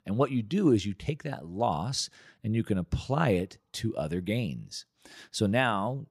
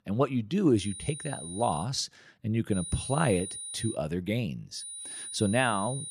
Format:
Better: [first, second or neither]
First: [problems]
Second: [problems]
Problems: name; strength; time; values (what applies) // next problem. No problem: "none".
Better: first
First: none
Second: high-pitched whine; loud; from 1 to 2 s, from 2.5 to 4 s and from 5 s on; 9.5 kHz, 8 dB below the speech